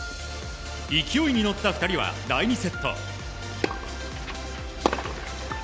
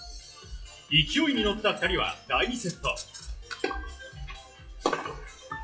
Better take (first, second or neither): first